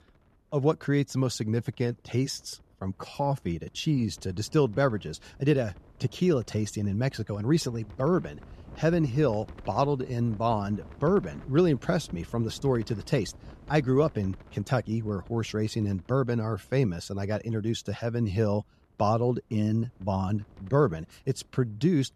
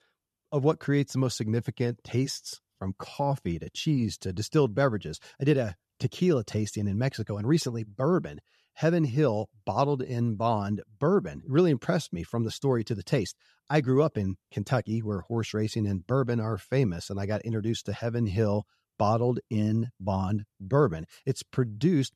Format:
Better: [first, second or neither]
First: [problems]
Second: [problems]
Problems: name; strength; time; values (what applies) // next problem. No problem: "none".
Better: second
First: wind noise on the microphone; occasional gusts; 25 dB below the speech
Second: none